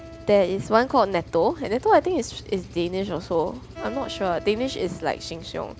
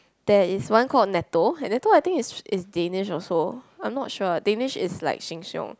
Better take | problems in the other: second | background sound (Engine + Acoustic guitar); 16 dB below the speech

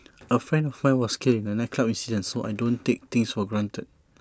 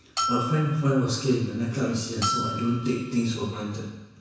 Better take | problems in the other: first | background sound (Bell); 7 dB below the speech // room echo; dies away in 1.1 s

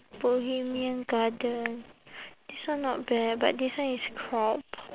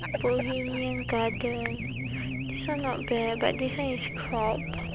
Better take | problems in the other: first | background sound (Race car, auto racing / Alarm); 4 dB below the speech

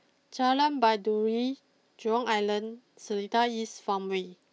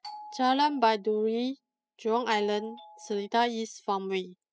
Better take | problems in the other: first | noise reduction (classical method spectral subtraction)

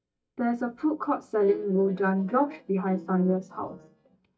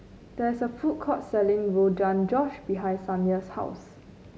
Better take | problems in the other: second | noise reduction (neural mask model DeepFilterNet 3)

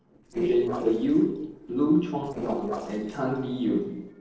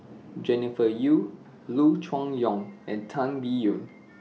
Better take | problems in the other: second | noise reduction (neural separator model SepFormer DNS4)

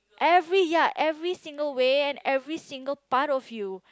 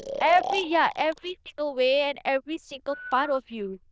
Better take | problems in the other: first | noise reduction (neural diffusion model UNIVERSE++)

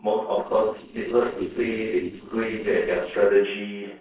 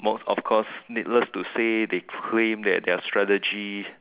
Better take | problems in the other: second | noise reduction (neural separator model SepFormer DNS4)

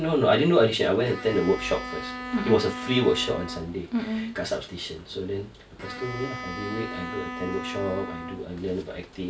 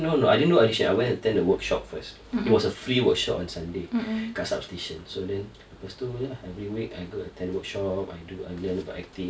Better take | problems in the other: second | background sound (Bowed string instrument); 10 dB below the speech

